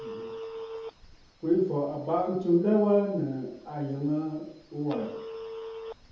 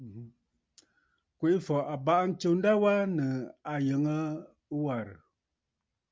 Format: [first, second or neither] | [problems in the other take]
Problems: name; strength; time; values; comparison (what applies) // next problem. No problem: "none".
second | background sound (Telephone); 14 dB below the speech // room echo; dies away in 0.7 s